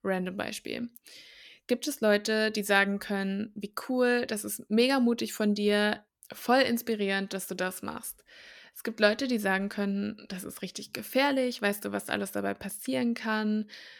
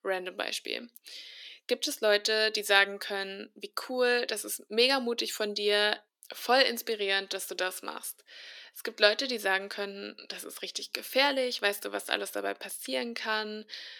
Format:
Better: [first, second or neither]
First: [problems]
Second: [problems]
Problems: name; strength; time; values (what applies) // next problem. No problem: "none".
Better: first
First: none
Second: thin; somewhat; fading below 300 Hz